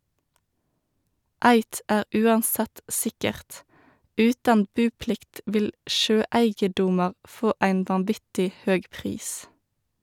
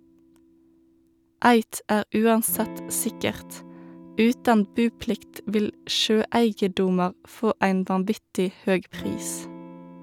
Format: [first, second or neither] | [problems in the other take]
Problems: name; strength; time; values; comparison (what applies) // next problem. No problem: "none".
first | background sound (Electric guitar / Strum); 19 dB below the speech